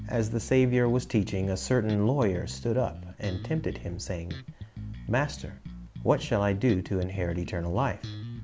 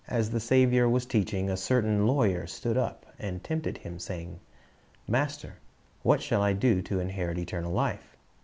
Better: second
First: background sound (Bass guitar); 12 dB below the speech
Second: none

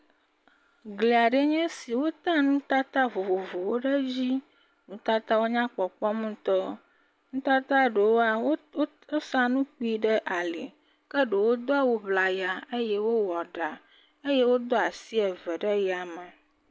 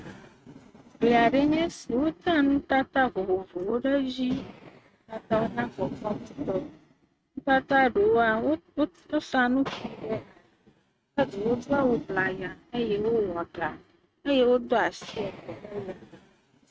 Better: first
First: none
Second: noise reduction (neural mask model RNNoise)

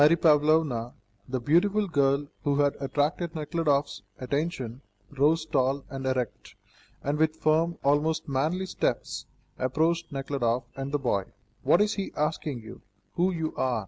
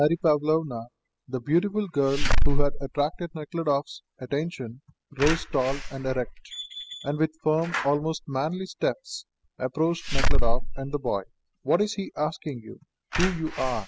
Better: first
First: none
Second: noise reduction (classical method spectral subtraction)

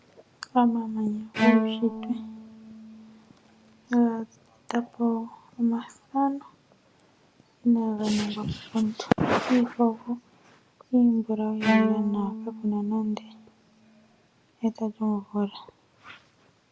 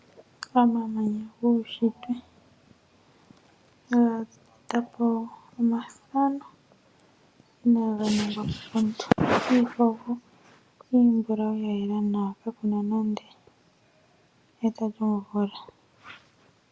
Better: second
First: background sound (Bowed string instrument); 2 dB below the speech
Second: none

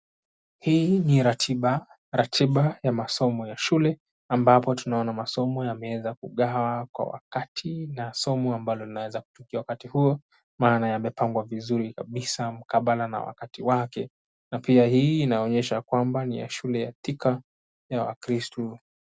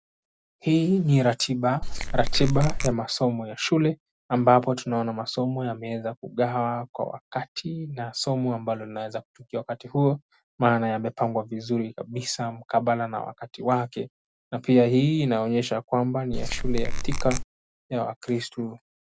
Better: first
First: none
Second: background sound (Squeak / Tools); 2 dB above the speech

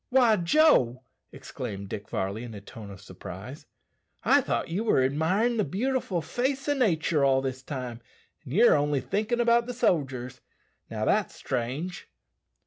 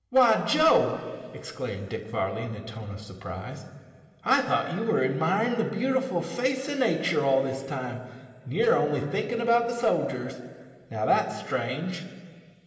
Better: first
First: none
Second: room echo; dies away in 2.4 s

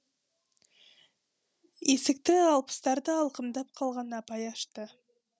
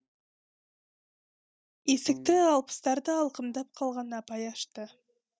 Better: first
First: none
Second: noise reduction (neural mask model DeepFilterNet 3)

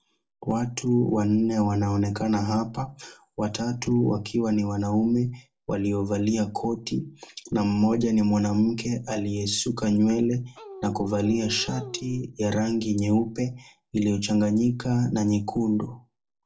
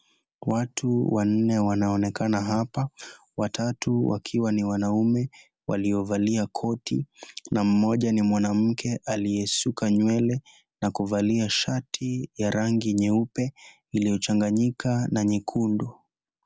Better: second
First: noise reduction (neural separator model SepFormer DNS4)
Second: none

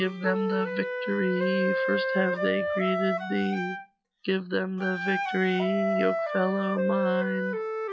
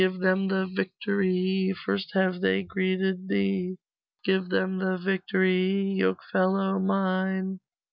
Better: second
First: noise reduction (classical method log-MMSE)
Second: none

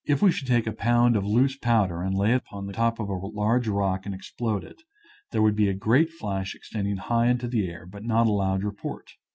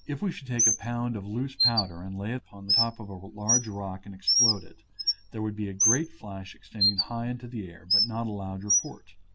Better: first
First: none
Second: background sound (Bird); 3 dB above the speech

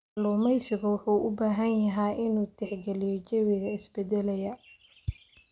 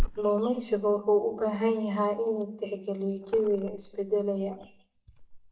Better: first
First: none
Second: noise reduction (neural mask model DeepFilterNet 3)

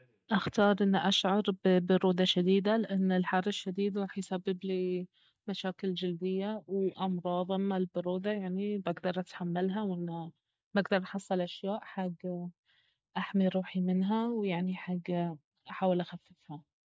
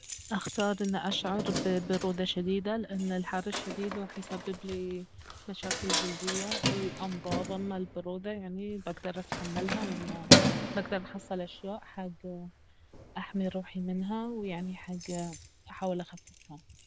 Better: first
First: none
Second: background sound (Keys jangling); as loud as the speech

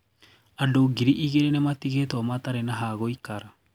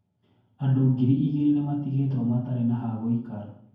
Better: first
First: none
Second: room echo; dies away in 0.9 s

